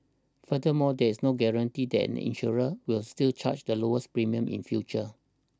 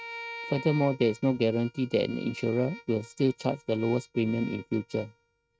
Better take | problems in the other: first | noise reduction (neural mask model RNNoise)

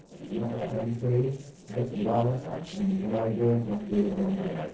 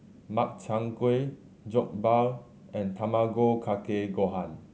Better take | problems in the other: second | noise reduction (neural separator model SepFormer DNS4)

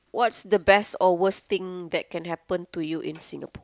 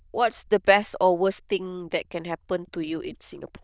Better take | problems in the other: first | noise reduction (neural diffusion model UNIVERSE++)

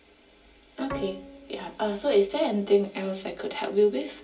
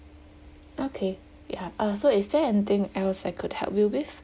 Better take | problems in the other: second | background sound (Bowed string instrument); 16 dB below the speech // room echo; dies away in 0.3 s

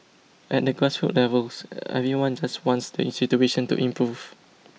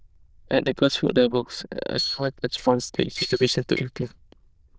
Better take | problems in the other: first | noise reduction (neural diffusion model UNIVERSE++)

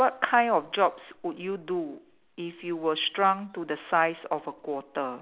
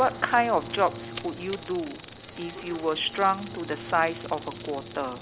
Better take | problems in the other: first | background sound (Insect + Bowed string instrument); 12 dB below the speech

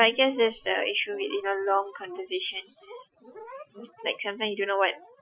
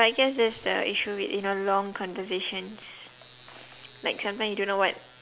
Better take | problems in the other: second | noise reduction (classical method Wiener filter)

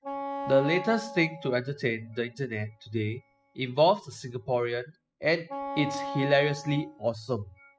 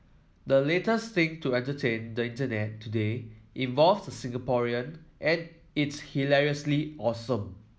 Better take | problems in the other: second | noise reduction (classical method spectral subtraction)

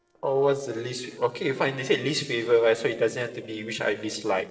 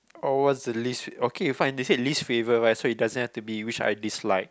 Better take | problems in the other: second | noise reduction (neural separator model SepFormer DNS4)

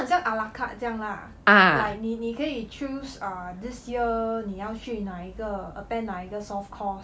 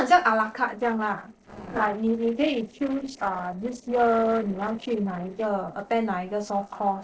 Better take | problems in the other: first | noise reduction (neural separator model SepFormer DNS4)

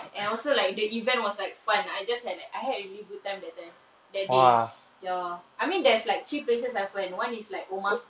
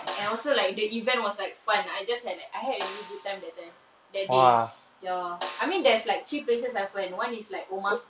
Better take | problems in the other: first | background sound (Snare drum); 16 dB below the speech

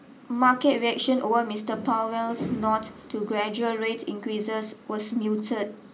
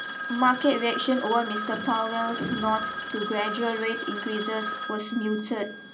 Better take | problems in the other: first | background sound (Telephone); 7 dB below the speech

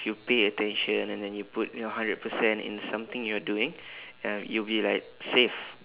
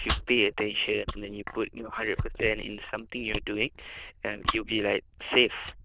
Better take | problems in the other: first | noise reduction (neural diffusion model UNIVERSE++)

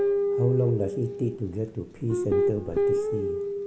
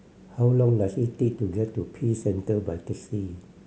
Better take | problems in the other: second | background sound (Guitar); 2 dB above the speech

